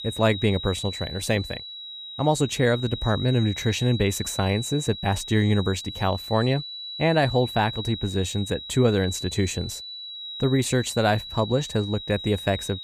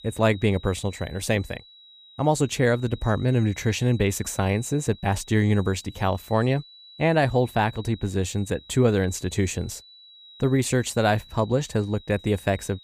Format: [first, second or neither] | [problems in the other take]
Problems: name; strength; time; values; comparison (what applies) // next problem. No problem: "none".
second | high-pitched whine; loud; throughout; 4 kHz, 9 dB below the speech; faint in the second